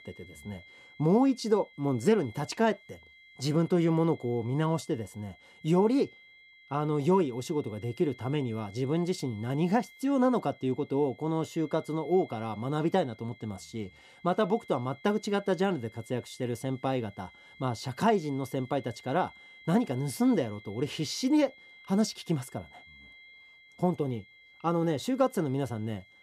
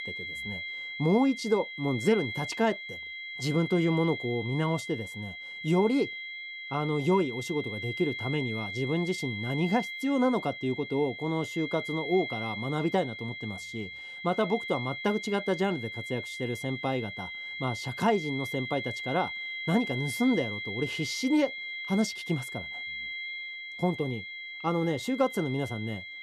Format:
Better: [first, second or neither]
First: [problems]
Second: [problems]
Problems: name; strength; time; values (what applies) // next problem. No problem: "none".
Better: first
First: high-pitched whine; faint; throughout; 2 kHz, 25 dB below the speech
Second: high-pitched whine; loud; throughout; 2 kHz, 6 dB below the speech